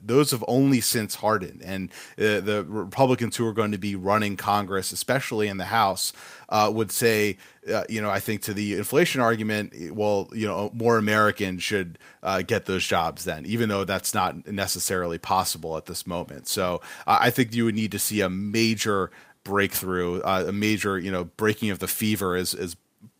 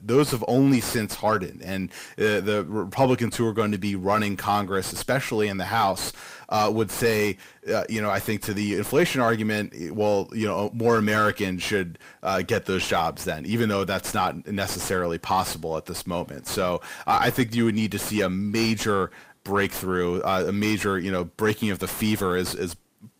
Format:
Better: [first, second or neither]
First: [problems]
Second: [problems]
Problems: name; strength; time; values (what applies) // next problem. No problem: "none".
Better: first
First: none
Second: distortion; slight; 9 dB below the speech